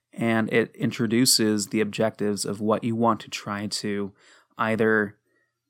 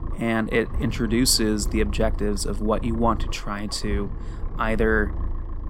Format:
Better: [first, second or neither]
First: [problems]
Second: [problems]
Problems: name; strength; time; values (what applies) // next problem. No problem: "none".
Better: first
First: none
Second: low rumble; noticeable; throughout; 15 dB below the speech